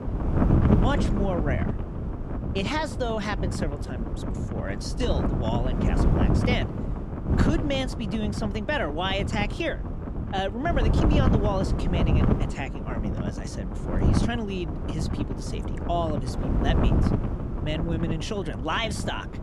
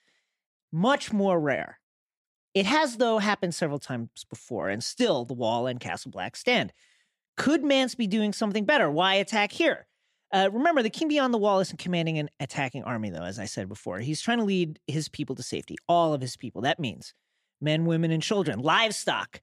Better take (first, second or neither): second